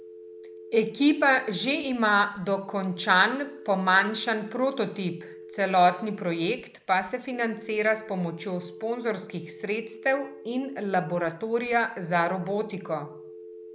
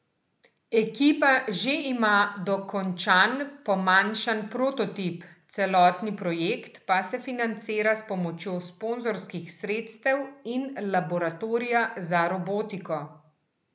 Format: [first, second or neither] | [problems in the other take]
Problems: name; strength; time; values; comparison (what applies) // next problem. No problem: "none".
second | background sound (Telephone); 18 dB below the speech